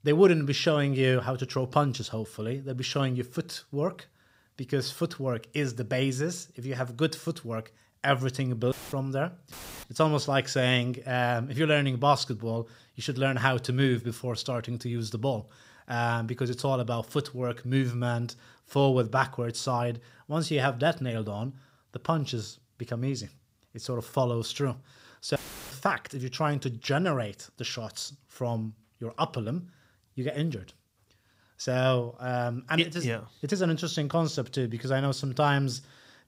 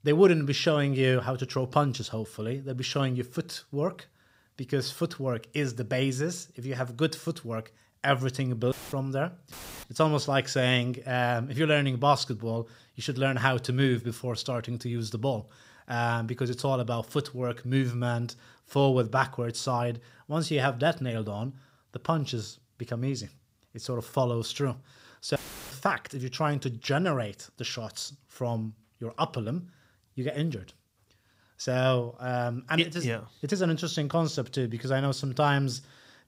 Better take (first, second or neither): neither